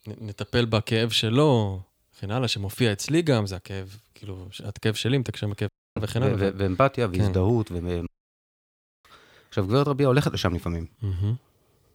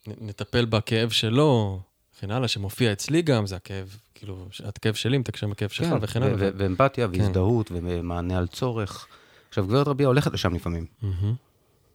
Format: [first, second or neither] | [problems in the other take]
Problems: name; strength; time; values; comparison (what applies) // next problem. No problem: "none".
second | audio cutting out; at 5.5 s and at 8 s for 1 s